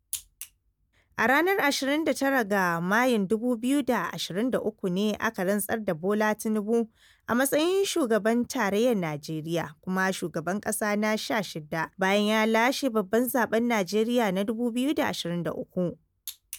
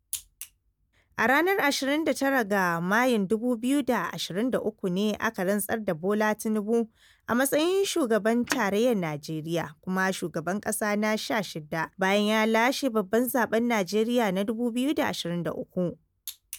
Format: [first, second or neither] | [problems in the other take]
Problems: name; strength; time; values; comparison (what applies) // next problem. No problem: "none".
first | background sound (Telephone); 12 dB below the speech